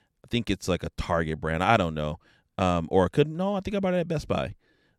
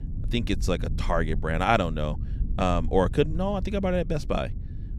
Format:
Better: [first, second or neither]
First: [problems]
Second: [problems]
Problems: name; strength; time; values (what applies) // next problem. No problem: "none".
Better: first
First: none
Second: low rumble; faint; throughout; 20 dB below the speech